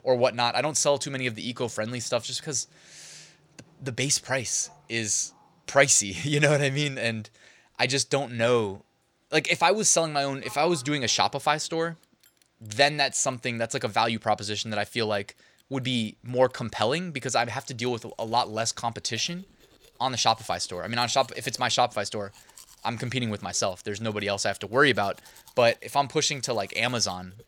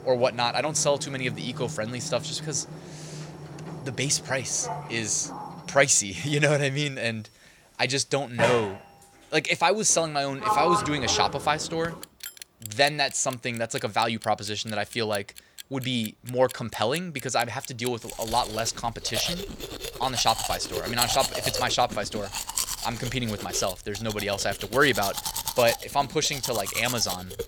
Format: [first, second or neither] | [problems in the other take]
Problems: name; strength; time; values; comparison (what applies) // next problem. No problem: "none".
first | household noises; loud; throughout; 7 dB below the speech; faint in the first